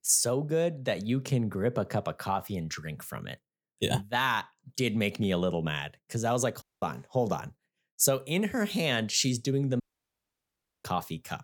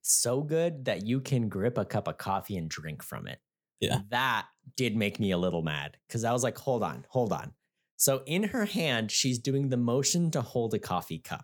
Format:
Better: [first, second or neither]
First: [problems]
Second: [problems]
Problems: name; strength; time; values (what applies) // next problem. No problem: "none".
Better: second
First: audio cutting out; at 6.5 s and at 10 s for 1 s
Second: none